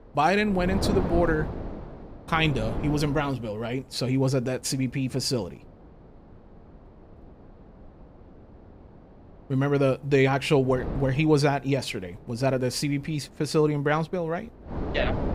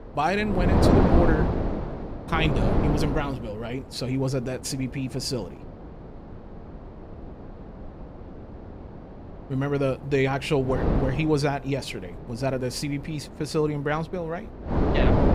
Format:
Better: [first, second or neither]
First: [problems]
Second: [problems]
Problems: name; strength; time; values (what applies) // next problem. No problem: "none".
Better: first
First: wind noise on the microphone; occasional gusts; 10 dB below the speech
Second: wind noise on the microphone; heavy; as loud as the speech